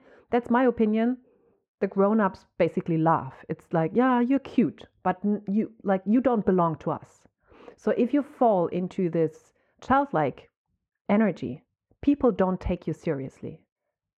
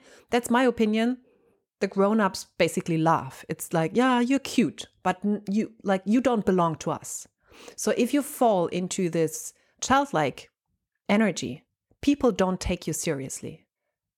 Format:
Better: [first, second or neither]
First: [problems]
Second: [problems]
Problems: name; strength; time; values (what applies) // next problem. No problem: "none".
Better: second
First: muffled; very; fading above 4 kHz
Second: none